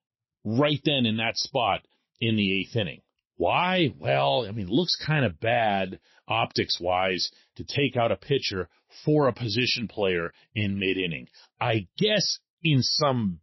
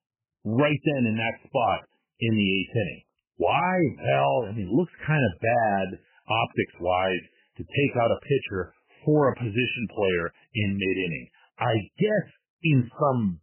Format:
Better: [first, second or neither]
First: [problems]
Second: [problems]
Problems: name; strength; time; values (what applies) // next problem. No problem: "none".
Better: first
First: garbled, watery; slightly; nothing above 5.5 kHz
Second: garbled, watery; badly; nothing above 3 kHz